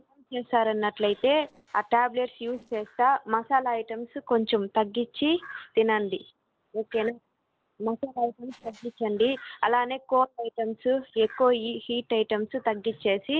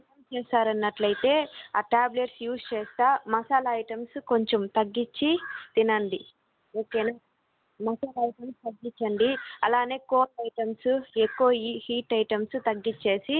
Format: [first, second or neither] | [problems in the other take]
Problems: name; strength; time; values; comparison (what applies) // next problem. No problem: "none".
second | noise reduction (neural separator model SepFormer DNS4)